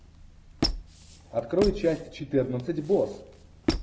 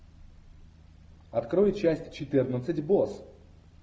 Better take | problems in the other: second | background sound (Squeak); 5 dB below the speech

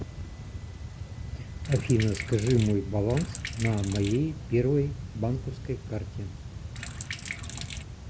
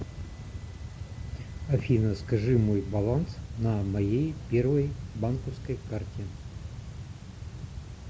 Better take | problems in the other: second | background sound (Sink (filling or washing)); 11 dB below the speech

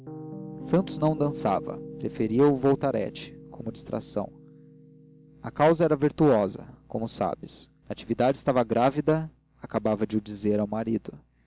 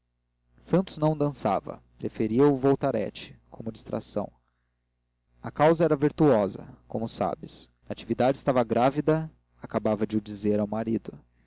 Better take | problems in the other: second | background sound (Piano); 17 dB below the speech

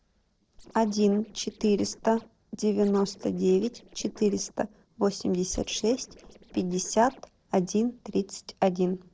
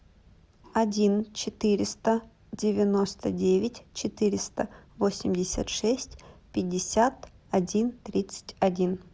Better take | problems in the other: second | noise reduction (neural separator model SepFormer DNS4)

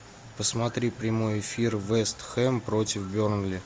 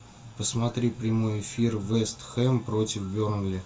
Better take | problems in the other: first | room echo; dies away in 0.2 s

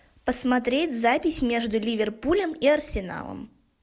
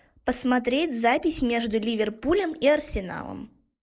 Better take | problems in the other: first | noise reduction (neural mask model Resemble Enhance denoiser)

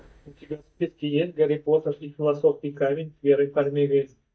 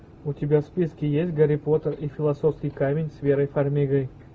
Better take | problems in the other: second | noise reduction (neural mask model DeepFilterNet 3)

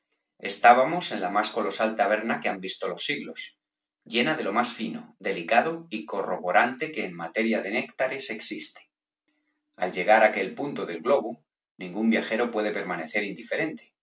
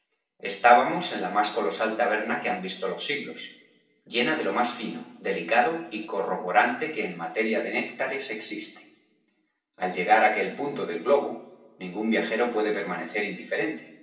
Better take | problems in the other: first | room echo; dies away in 1.4 s

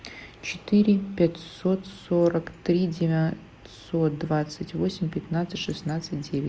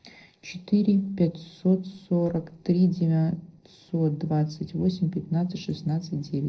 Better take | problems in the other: first | noise reduction (neural separator model SepFormer DNS4)

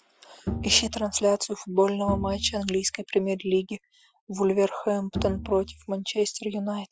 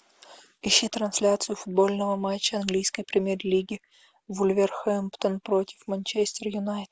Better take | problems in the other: second | noise reduction (classical method Wiener filter)

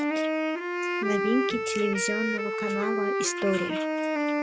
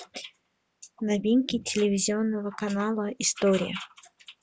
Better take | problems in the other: second | background sound (Wind instrument, woodwind instrument); 3 dB above the speech

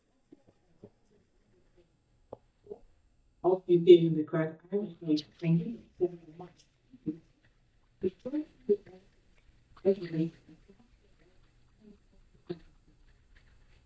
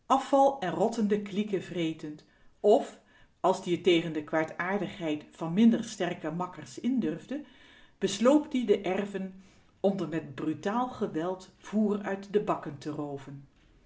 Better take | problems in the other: second | noise reduction (neural mask model DeepFilterNet 3)

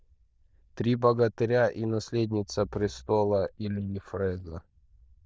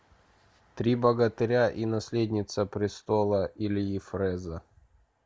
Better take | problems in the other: second | noise reduction (neural diffusion model UNIVERSE++)

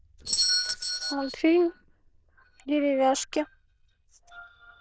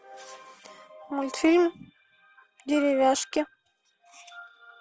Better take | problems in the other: second | noise reduction (neural diffusion model UNIVERSE++)

